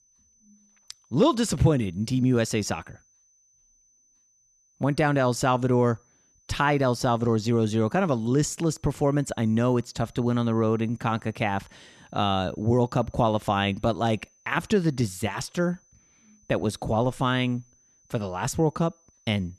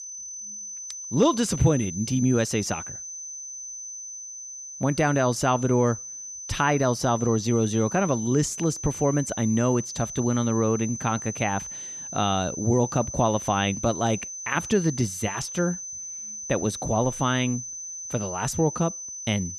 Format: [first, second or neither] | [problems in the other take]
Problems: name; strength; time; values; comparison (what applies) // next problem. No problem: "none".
first | high-pitched whine; loud; throughout; 6 kHz, 9 dB below the speech; faint in the first